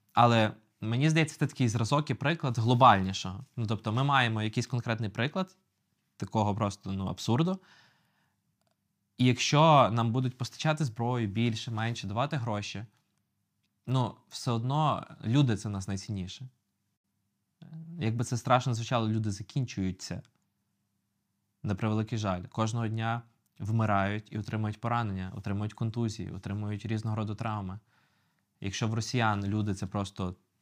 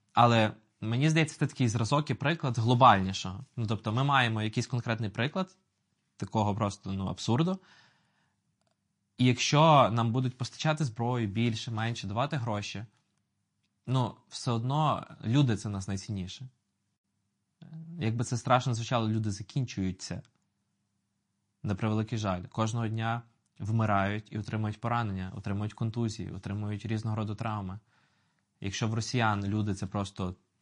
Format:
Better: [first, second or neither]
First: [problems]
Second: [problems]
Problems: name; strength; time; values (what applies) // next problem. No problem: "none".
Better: first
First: none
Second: garbled, watery; slightly; nothing above 9.5 kHz